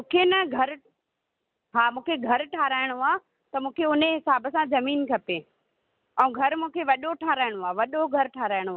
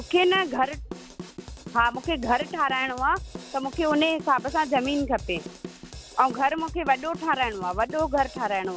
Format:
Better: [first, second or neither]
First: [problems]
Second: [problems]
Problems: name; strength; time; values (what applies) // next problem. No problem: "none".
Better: first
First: none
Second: background sound (Drum kit); 14 dB below the speech